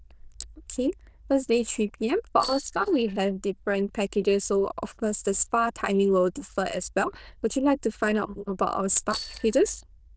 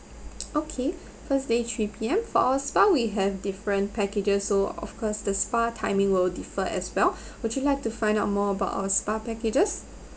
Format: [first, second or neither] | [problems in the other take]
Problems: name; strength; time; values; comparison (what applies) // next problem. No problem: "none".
second | noise reduction (neural diffusion model UNIVERSE++)